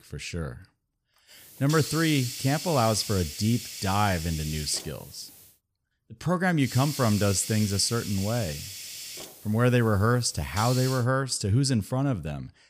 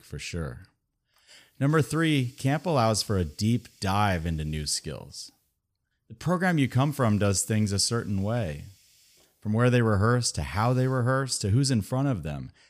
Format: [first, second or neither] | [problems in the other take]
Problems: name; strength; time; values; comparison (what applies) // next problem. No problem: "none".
second | hiss; loud; from 1.5 to 5.5 s and from 6.5 to 11 s; 9 dB below the speech; faint in the second